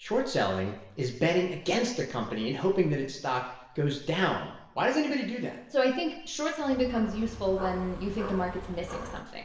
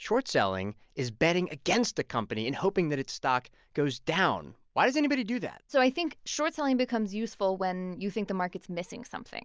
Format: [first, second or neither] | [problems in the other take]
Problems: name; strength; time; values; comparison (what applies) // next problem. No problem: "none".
second | background sound (Dog); 10 dB below the speech // room echo; dies away in 0.8 s